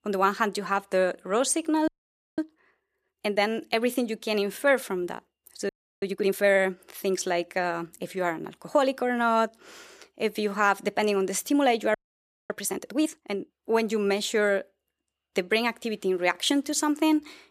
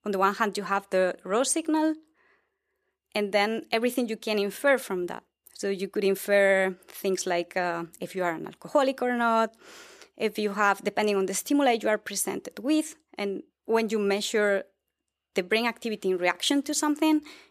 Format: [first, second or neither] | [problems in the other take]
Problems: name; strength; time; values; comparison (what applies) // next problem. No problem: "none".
second | audio freezing; at 2 s for 0.5 s, at 5.5 s and at 12 s for 0.5 s